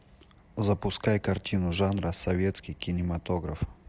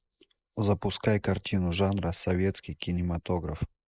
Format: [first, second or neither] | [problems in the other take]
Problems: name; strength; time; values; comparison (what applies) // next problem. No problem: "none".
first | noise reduction (neural mask model Resemble Enhance denoiser)